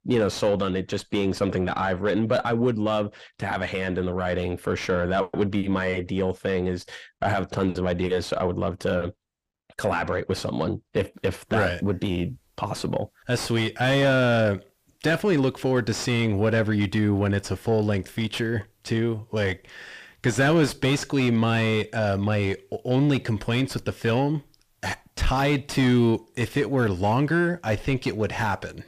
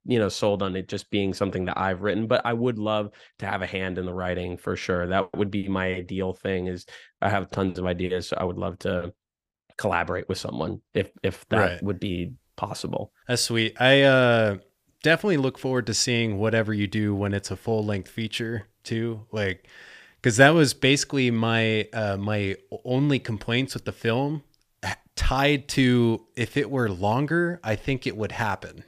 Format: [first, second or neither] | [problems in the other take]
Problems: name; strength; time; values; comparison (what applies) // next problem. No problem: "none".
second | distortion; heavy; 8 dB below the speech